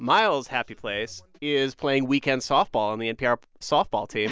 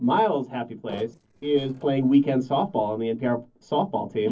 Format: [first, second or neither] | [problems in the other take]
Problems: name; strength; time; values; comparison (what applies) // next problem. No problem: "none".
first | noise reduction (neural separator model SepFormer DNS4)